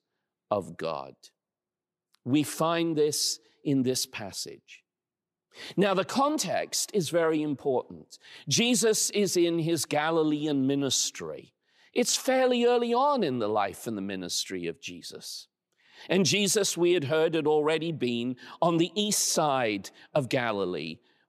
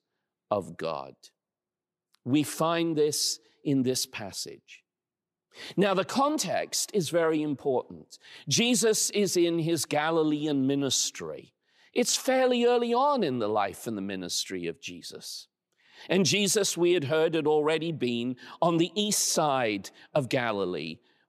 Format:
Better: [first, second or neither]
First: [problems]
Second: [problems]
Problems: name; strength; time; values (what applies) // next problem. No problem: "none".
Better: neither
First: none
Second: none